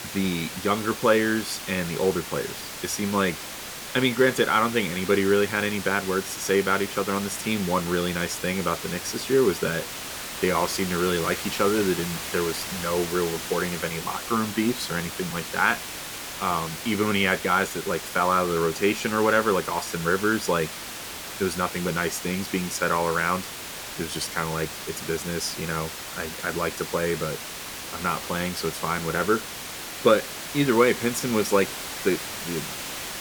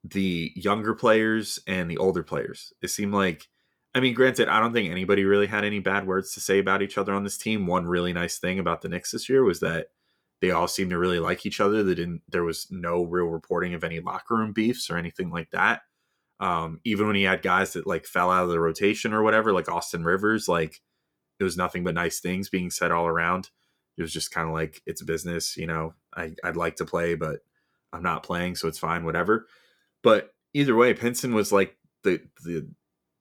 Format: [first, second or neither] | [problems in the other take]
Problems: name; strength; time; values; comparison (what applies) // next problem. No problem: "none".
second | hiss; loud; throughout; 8 dB below the speech